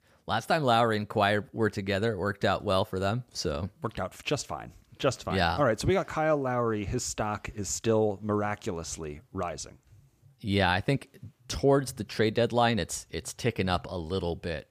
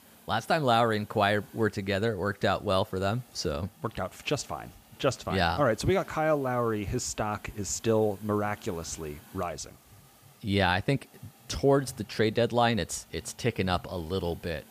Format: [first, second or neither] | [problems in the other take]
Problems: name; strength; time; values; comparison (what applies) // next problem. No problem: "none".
first | hiss; faint; throughout; 25 dB below the speech